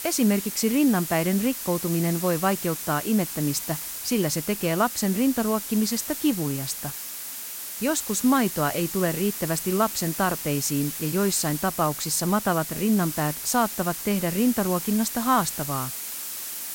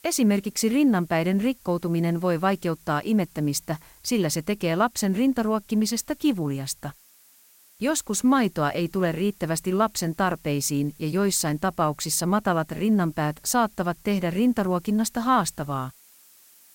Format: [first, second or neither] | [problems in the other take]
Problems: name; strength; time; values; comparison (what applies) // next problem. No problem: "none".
second | hiss; loud; throughout; 6 dB below the speech; faint in the second